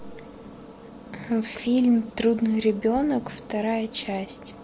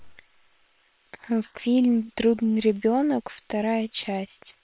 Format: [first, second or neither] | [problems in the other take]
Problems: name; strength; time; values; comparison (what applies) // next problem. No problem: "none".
first | noise reduction (neural separator model SepFormer WHAM!)